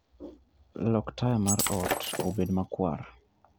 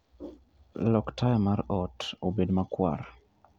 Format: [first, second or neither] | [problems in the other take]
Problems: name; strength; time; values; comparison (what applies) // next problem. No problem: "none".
second | background sound (Shatter); 2 dB below the speech